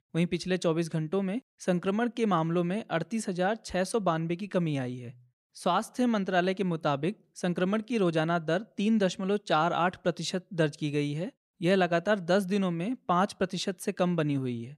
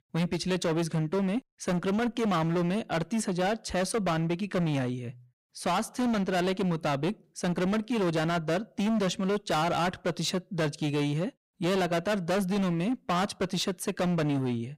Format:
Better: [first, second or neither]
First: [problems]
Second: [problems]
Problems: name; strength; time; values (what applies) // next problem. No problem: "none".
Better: first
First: none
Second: distortion; heavy; 24% of the sound clipped